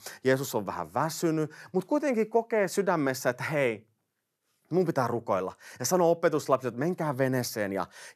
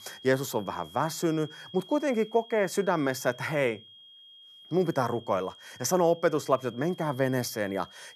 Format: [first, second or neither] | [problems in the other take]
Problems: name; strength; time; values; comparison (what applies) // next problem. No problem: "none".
first | high-pitched whine; faint; throughout; 3.5 kHz, 20 dB below the speech